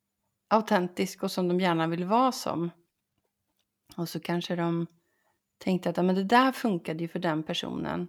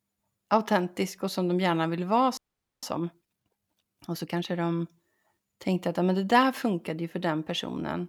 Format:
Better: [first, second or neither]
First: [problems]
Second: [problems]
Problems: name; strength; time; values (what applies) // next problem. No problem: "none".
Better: first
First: none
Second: audio freezing; at 2.5 s